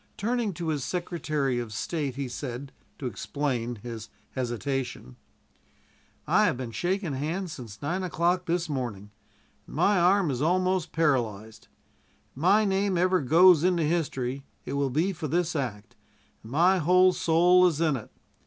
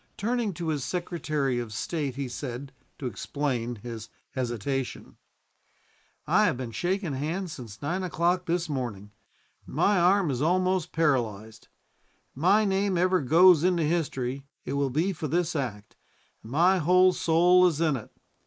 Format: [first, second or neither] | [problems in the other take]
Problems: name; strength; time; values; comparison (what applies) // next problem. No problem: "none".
first | noise reduction (neural mask model Resemble Enhance denoiser)